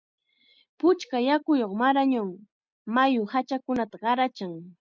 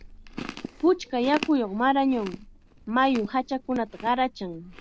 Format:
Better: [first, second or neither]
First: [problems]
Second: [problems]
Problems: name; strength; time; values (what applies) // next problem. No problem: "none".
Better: first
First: none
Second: background sound (Chewing, mastication); 15 dB below the speech